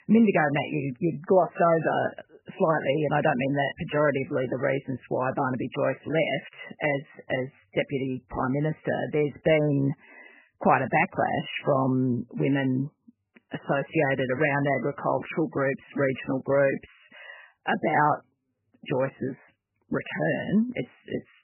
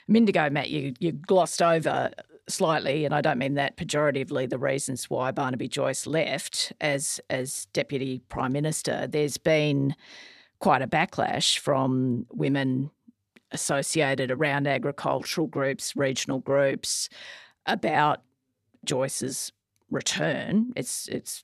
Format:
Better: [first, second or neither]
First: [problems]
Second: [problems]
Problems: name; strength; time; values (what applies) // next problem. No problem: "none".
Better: second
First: garbled, watery; badly; nothing above 3 kHz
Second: none